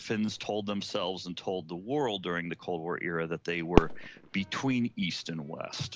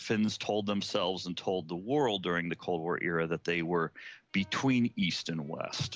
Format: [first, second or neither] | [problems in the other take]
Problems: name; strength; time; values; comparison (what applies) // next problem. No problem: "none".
second | background sound (Fireworks); 3 dB below the speech